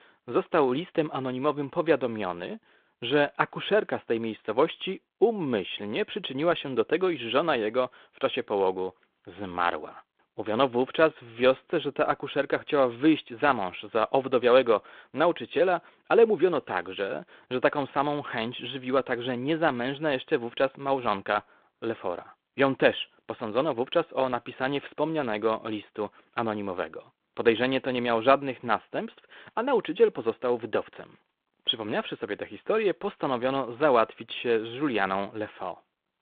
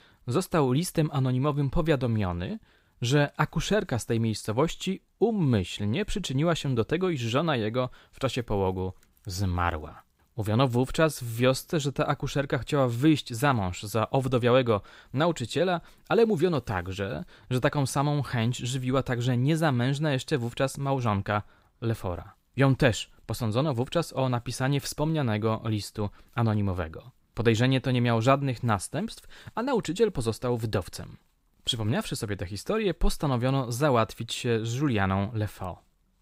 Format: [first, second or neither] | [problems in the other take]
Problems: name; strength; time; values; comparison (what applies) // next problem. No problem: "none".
second | phone-call audio